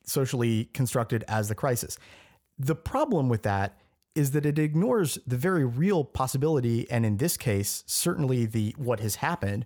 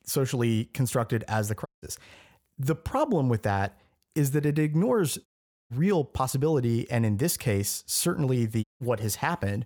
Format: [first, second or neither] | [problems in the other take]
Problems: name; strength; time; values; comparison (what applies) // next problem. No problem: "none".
first | audio cutting out; at 1.5 s, at 5.5 s and at 8.5 s